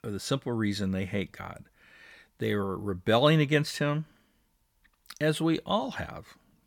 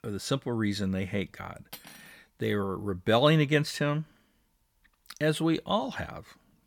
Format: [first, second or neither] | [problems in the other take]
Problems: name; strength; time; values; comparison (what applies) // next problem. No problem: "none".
first | clattering dishes; faint; at 1.5 s; peak 15 dB below the speech